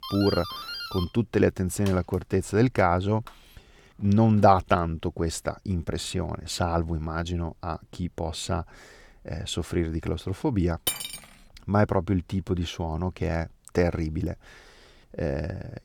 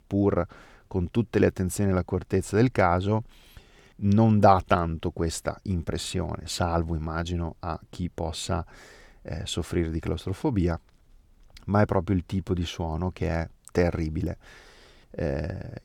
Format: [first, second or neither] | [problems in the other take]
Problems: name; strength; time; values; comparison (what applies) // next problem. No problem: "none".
second | doorbell; noticeable; until 4.5 s; peak 6 dB below the speech // clattering dishes; noticeable; at 11 s; peak 2 dB below the speech